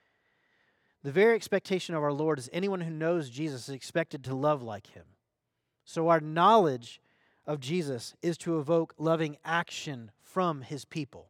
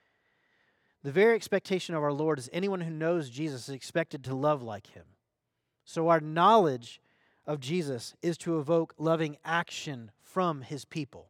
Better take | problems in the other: neither | none

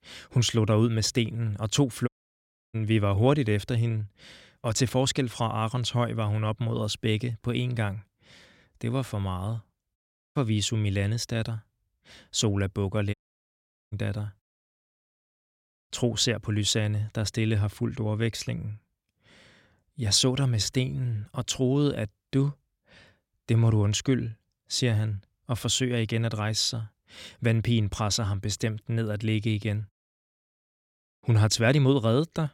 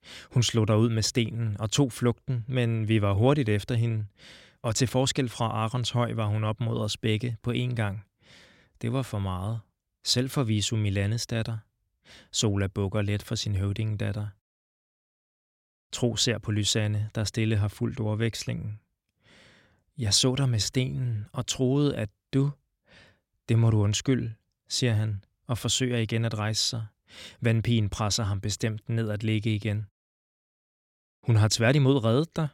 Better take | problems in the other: second | audio cutting out; at 2 s for 0.5 s, at 10 s and at 13 s for 1 s

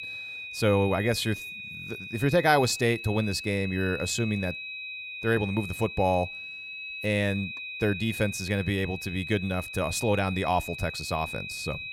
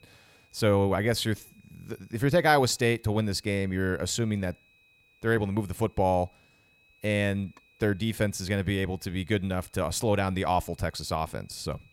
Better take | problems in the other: second | high-pitched whine; loud; throughout; 2.5 kHz, 8 dB below the speech; faint in the second

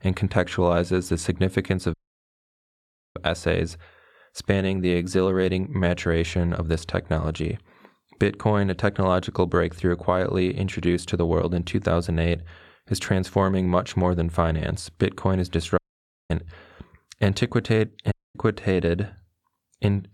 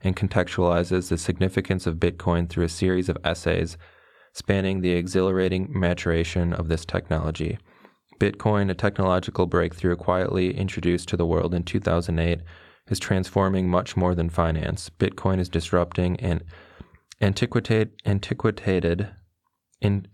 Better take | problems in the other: second | audio cutting out; at 2 s for 1 s, at 16 s for 0.5 s and at 18 s

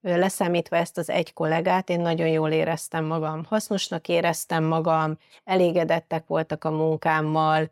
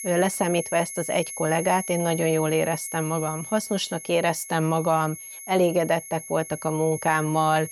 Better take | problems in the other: first | high-pitched whine; noticeable; throughout; 11 kHz, 10 dB below the speech

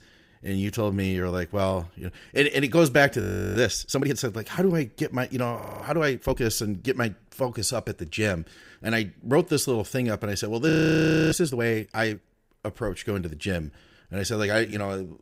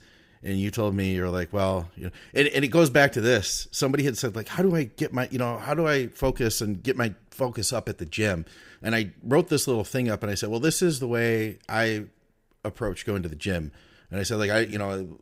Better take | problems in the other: second | audio freezing; at 3 s, at 5.5 s and at 11 s for 0.5 s

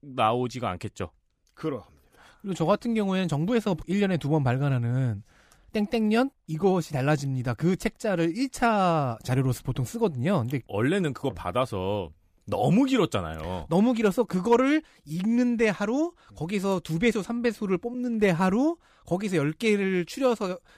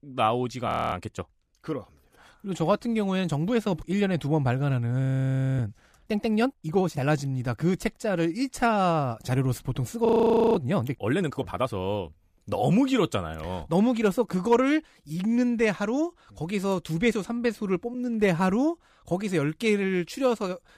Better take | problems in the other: first | audio freezing; at 0.5 s, at 5 s for 0.5 s and at 10 s

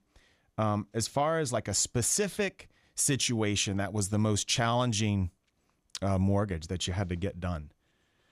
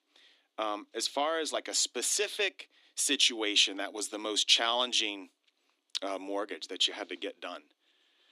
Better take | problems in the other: first | thin; somewhat; fading below 250 Hz

